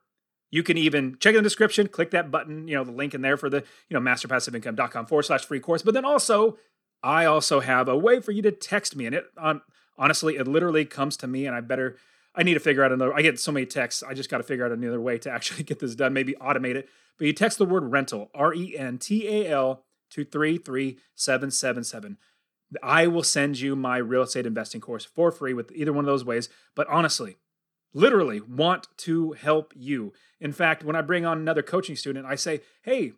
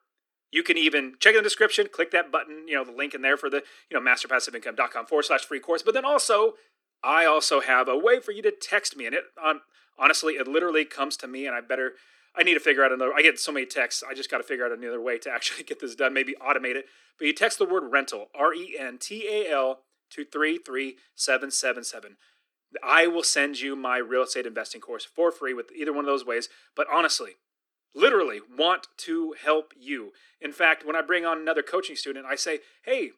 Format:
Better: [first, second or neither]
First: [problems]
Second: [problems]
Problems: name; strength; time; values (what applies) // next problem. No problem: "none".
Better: first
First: none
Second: thin; somewhat; fading below 300 Hz